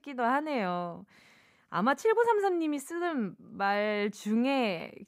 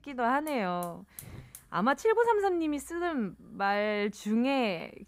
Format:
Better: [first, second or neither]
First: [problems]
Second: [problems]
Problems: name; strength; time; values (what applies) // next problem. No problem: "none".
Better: first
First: none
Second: hiss; faint; throughout; 20 dB below the speech